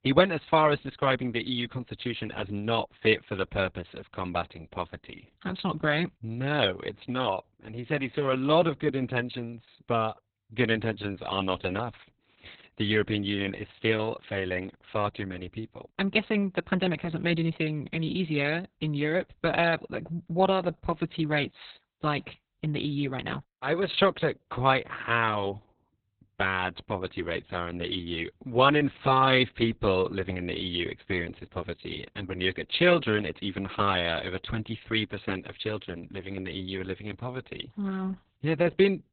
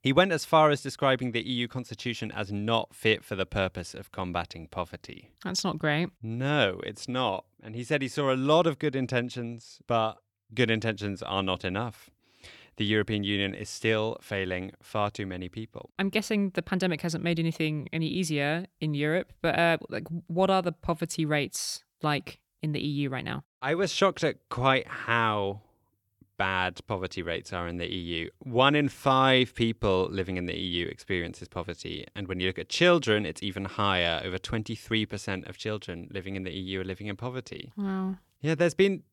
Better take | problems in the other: second | garbled, watery; badly; nothing above 4 kHz

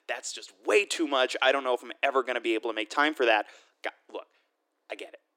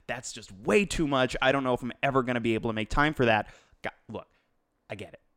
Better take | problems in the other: second | thin; somewhat; fading below 300 Hz

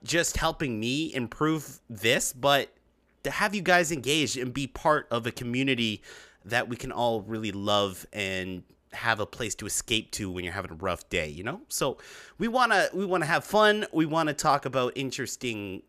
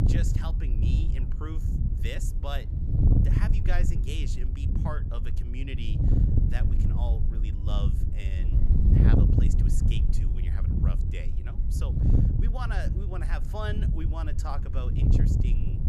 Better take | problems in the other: first | wind noise on the microphone; heavy; as loud as the speech

